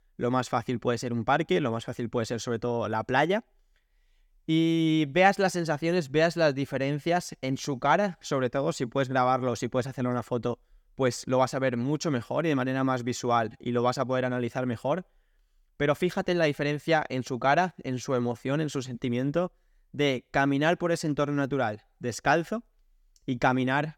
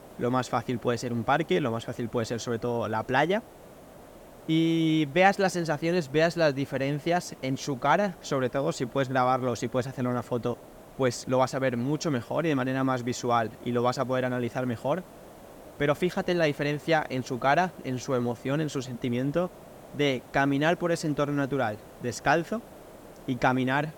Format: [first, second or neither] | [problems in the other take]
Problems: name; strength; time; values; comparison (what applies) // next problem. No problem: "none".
first | hiss; faint; throughout; 20 dB below the speech